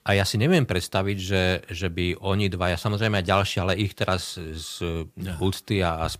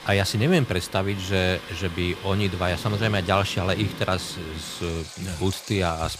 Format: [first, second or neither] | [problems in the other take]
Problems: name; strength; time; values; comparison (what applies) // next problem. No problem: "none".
first | rain or running water; noticeable; throughout; 10 dB below the speech